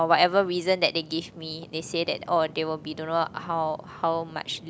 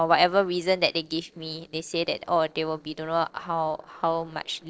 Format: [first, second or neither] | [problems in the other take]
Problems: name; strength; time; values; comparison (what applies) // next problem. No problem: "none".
first | noise reduction (neural separator model SepFormer DNS4)